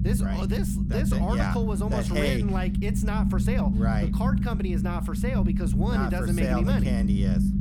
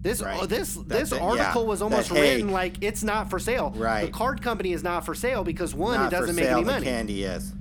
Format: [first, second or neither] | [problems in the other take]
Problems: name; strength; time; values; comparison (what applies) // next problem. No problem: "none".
second | low rumble; loud; throughout; 2 dB below the speech; faint in the second